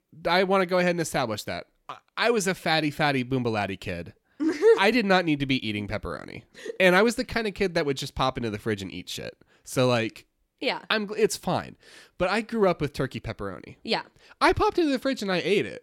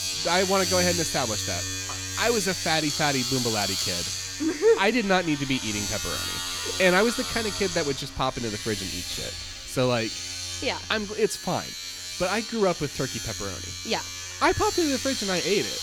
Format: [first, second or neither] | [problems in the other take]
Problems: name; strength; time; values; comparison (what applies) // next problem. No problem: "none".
first | household noises; loud; throughout; 3 dB below the speech